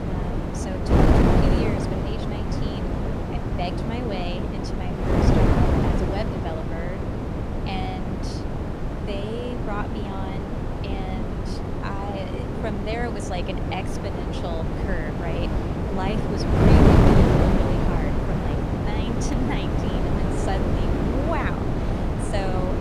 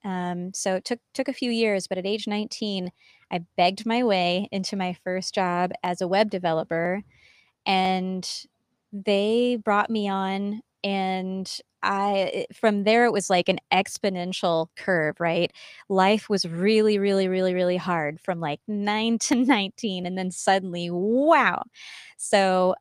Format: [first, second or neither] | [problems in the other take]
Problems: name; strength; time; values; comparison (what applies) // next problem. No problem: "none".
second | wind noise on the microphone; heavy; 5 dB above the speech